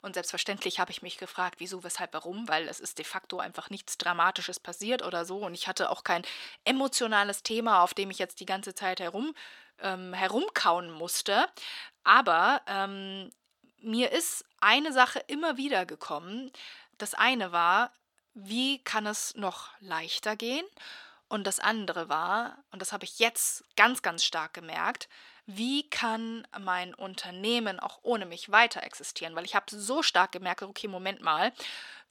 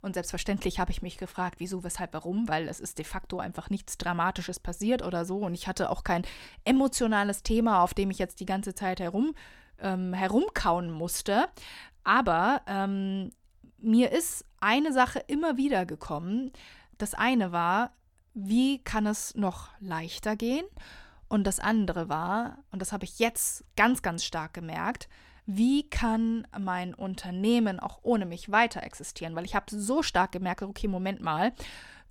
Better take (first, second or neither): second